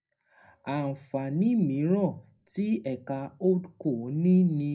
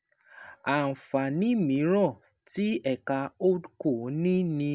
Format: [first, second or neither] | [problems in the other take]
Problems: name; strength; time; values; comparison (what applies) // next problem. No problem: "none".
second | room echo; dies away in 0.4 s